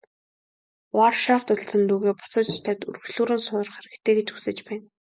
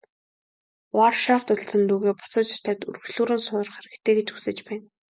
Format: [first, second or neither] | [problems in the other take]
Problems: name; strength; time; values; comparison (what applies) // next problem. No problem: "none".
second | noise reduction (neural mask model Resemble Enhance denoiser)